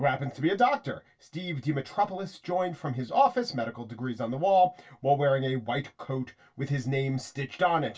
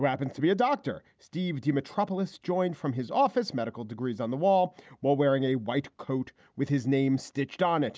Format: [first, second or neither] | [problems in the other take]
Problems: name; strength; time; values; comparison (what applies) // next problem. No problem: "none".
second | room echo; dies away in 0.2 s